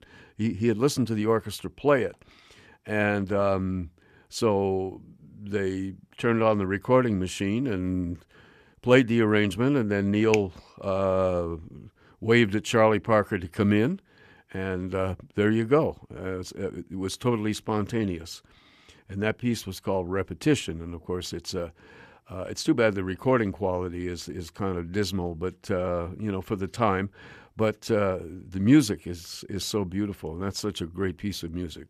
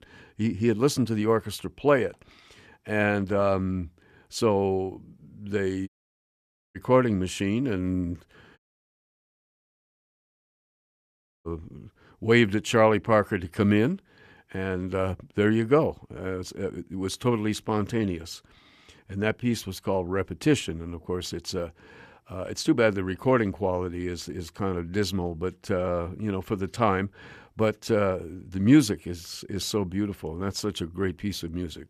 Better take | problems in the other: first | audio cutting out; at 6 s for 1 s and at 8.5 s for 3 s

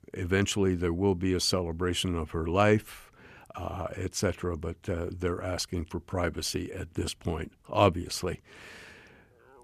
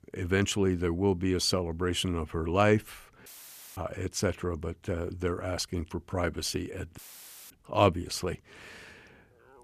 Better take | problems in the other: first | audio cutting out; filled with static; at 3.5 s for 0.5 s and at 7 s for 0.5 s

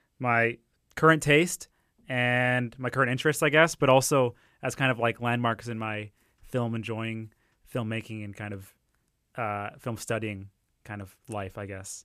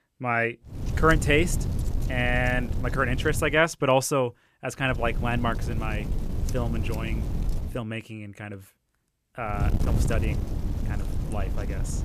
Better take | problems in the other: first | wind noise on the microphone; occasional gusts; from 1 to 3.5 s, from 5 to 7.5 s and from 9.5 s on; 15 dB below the speech

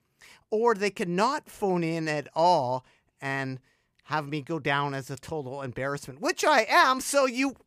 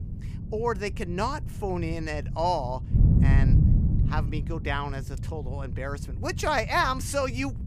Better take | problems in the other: first | wind noise on the microphone; occasional gusts; 10 dB below the speech

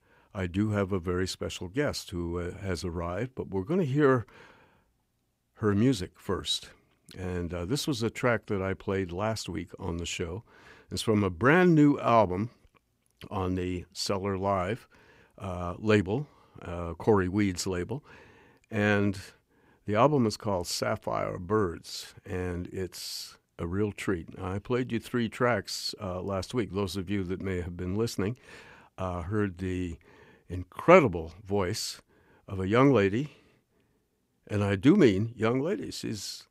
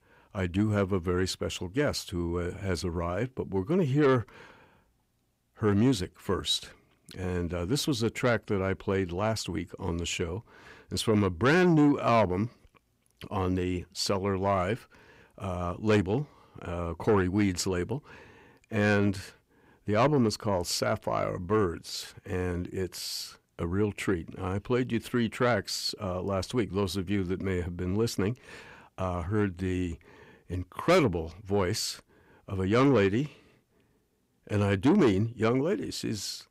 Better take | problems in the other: first | distortion; slight; 10 dB below the speech

